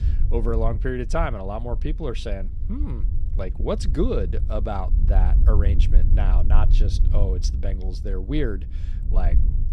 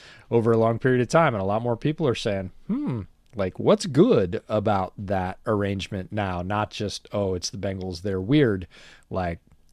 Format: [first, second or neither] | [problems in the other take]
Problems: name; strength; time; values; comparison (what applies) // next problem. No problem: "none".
second | low rumble; noticeable; throughout; 10 dB below the speech